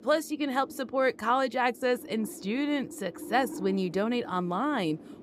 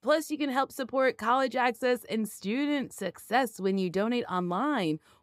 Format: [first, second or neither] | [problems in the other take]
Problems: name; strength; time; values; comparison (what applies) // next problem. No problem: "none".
second | wind noise on the microphone; occasional gusts; 20 dB below the speech